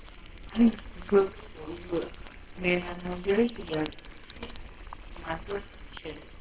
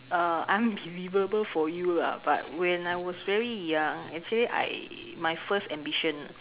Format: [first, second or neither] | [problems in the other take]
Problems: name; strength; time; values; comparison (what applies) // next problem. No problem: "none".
second | noise reduction (neural separator model SepFormer WHAMR!)